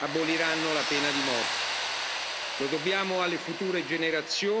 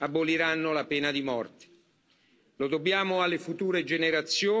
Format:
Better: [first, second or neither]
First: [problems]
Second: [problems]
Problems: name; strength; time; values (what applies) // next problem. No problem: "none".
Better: second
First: background sound (Tools); 3 dB below the speech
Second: none